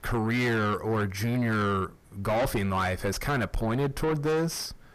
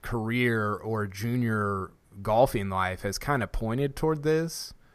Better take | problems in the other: second | distortion; heavy; 6 dB below the speech

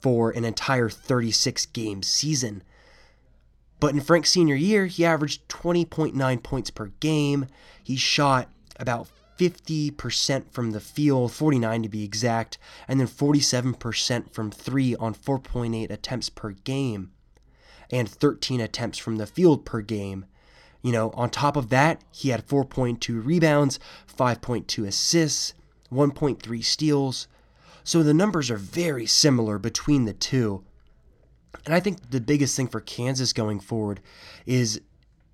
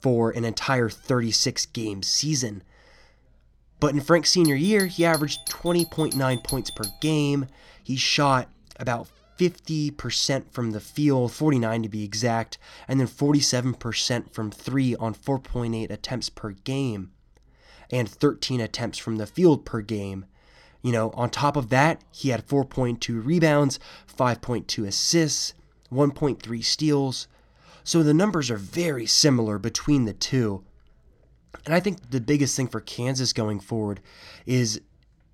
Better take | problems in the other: first | doorbell; noticeable; from 4.5 to 7 s; peak 6 dB below the speech

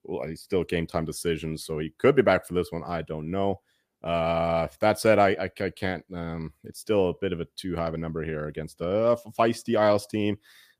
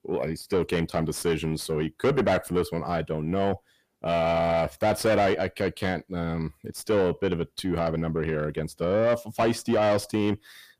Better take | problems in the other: first | distortion; heavy; 8 dB below the speech

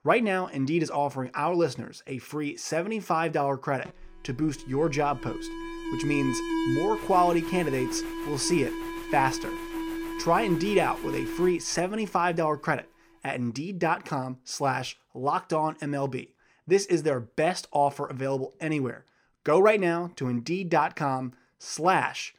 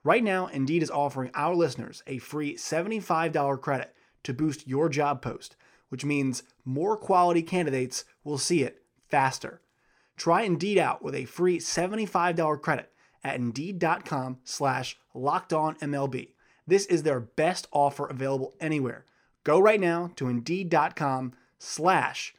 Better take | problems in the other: second | alarm; loud; from 4 to 12 s; peak level with the speech

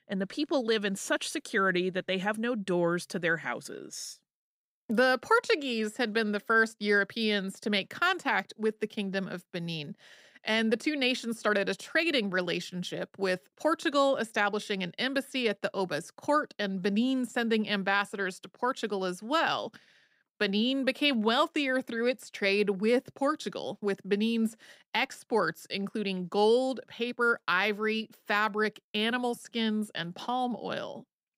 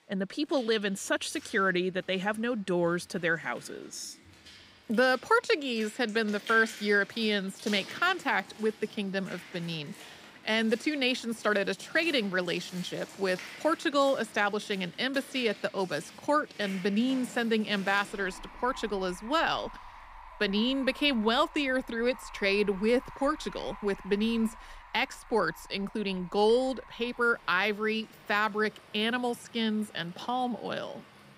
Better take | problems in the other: first | rain or running water; noticeable; throughout; 20 dB below the speech

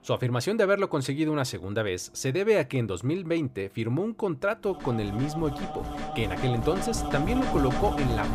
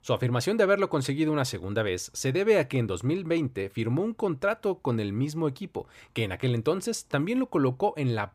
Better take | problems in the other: second | background music; loud; throughout; 5 dB below the speech

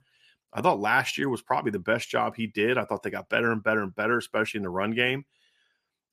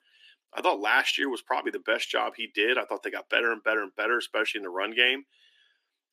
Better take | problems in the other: first | thin; somewhat; fading below 250 Hz

